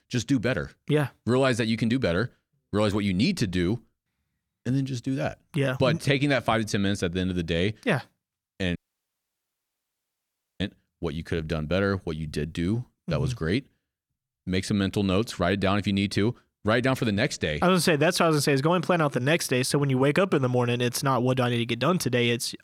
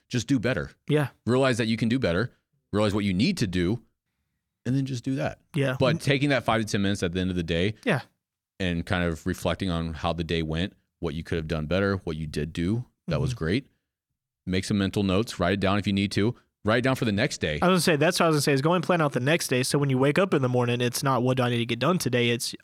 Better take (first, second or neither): second